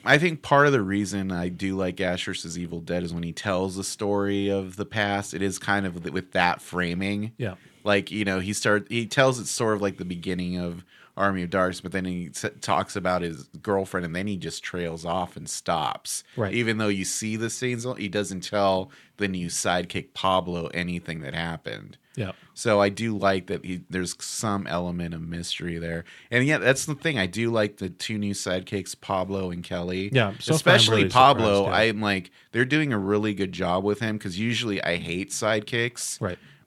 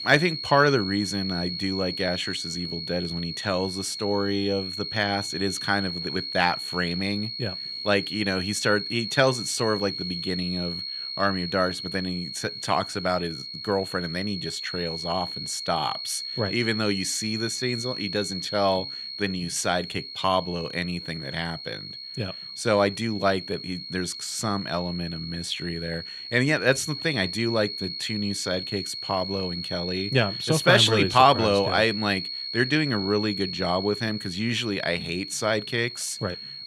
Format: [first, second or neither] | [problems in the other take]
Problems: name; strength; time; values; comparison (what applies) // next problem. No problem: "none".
first | high-pitched whine; loud; throughout; 4.5 kHz, 6 dB below the speech